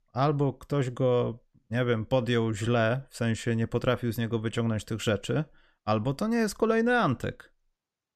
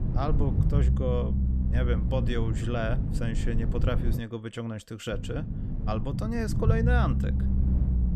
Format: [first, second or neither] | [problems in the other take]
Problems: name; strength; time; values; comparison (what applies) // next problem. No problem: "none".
first | low rumble; loud; until 4 s and from 5 s on; 6 dB below the speech